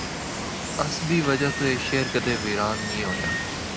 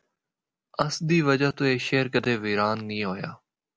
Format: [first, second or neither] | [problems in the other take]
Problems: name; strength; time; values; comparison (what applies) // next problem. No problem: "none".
second | background sound (Water); 3 dB below the speech